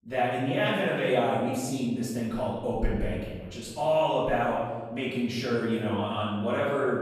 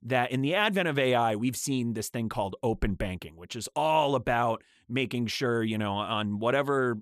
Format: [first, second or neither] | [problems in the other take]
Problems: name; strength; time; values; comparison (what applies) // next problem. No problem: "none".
second | room echo; strong; dies away in 1.2 s // off-mic speech; far